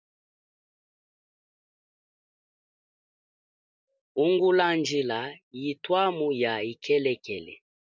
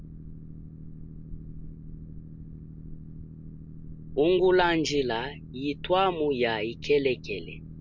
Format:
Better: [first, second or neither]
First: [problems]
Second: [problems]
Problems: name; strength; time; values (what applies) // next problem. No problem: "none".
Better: first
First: none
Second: background sound (Boat, Water vehicle); 12 dB below the speech